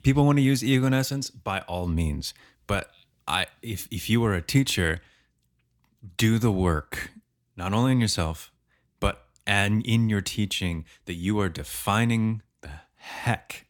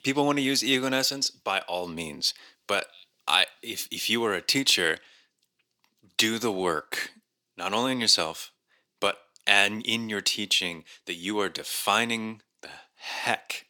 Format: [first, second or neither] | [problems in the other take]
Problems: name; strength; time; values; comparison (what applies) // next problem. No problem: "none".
first | thin; somewhat; fading below 400 Hz